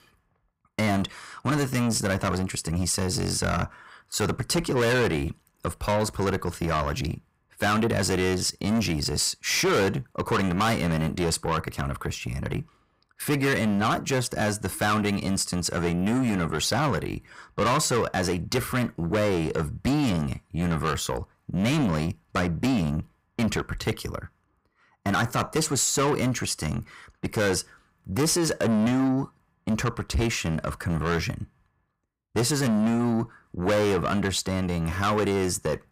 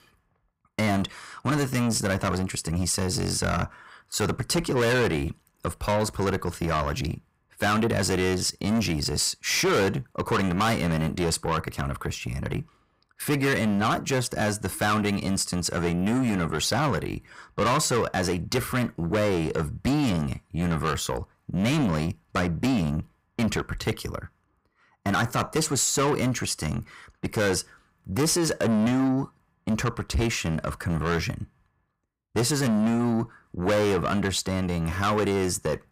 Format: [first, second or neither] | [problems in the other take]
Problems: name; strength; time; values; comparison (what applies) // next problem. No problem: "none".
neither | distortion; heavy; 6 dB below the speech; the same in both